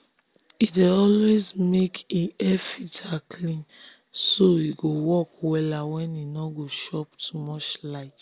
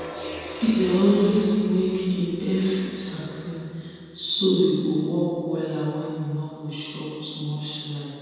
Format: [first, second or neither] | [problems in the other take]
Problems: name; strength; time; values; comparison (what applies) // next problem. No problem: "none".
first | background sound (Gong); 17 dB below the speech // room echo; dies away in 2.1 s